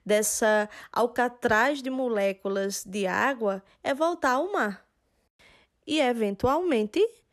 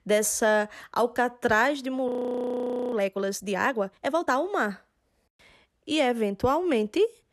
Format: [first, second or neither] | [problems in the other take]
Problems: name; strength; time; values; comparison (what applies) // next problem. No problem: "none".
first | audio freezing; at 2 s for 1 s